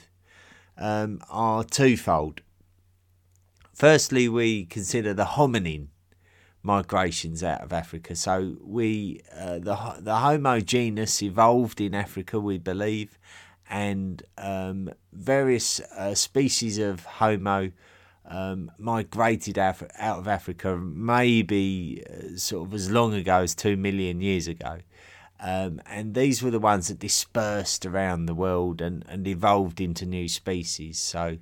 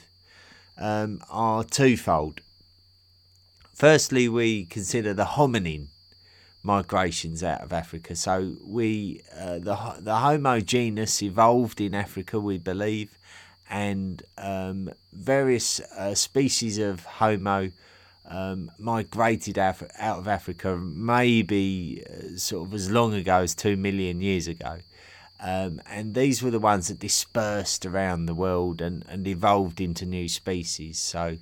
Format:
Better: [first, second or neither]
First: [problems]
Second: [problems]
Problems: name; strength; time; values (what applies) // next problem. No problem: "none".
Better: first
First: none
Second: high-pitched whine; faint; throughout; 4.5 kHz, 30 dB below the speech